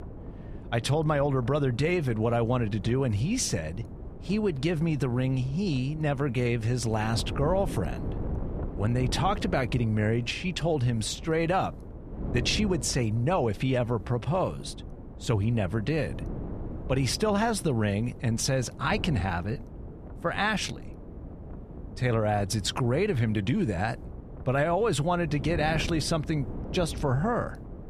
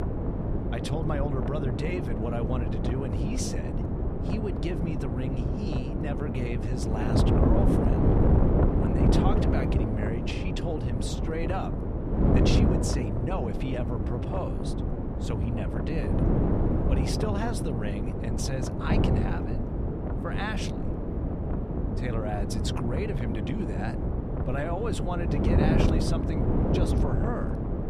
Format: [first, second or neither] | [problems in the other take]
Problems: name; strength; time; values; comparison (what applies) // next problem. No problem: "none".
first | wind noise on the microphone; heavy; 2 dB above the speech; occasional gusts in the first